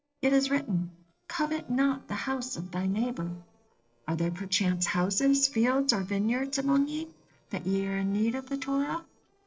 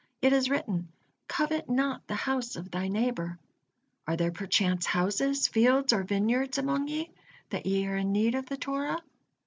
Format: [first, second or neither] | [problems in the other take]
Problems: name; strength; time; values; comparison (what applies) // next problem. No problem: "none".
second | noise reduction (neural separator model SepFormer DNS4)